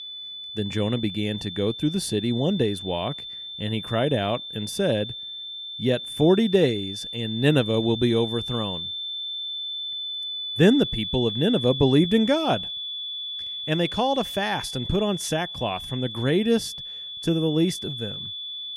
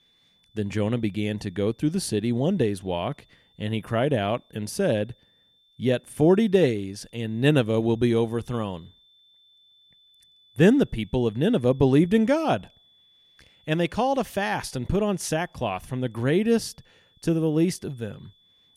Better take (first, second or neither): second